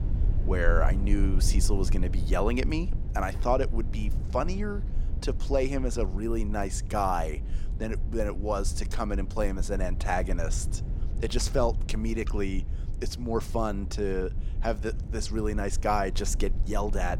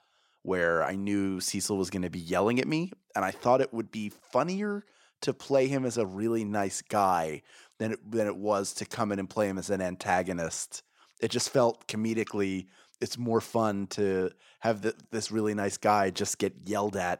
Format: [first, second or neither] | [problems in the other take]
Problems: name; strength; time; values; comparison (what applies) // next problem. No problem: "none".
second | low rumble; noticeable; throughout; 15 dB below the speech